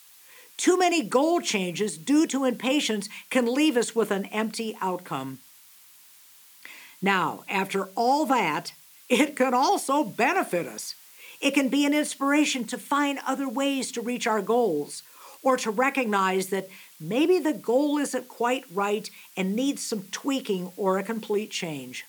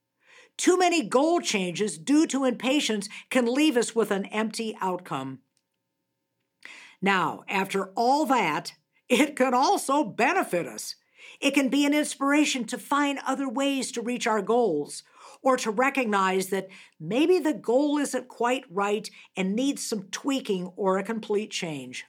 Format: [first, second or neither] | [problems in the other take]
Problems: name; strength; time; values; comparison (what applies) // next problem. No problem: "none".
second | hiss; faint; throughout; 25 dB below the speech